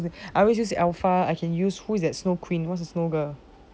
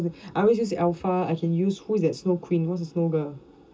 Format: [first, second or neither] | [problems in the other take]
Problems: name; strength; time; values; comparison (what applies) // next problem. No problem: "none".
first | room echo; dies away in 0.2 s